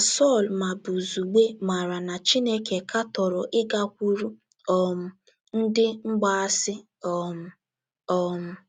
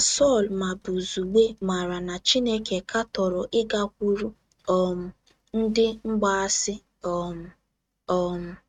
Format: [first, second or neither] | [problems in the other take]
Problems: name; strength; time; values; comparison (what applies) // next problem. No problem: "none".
first | noise reduction (neural mask model RNNoise)